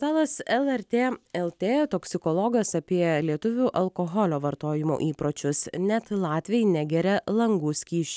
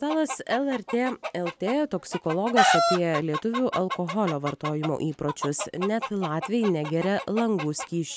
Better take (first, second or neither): first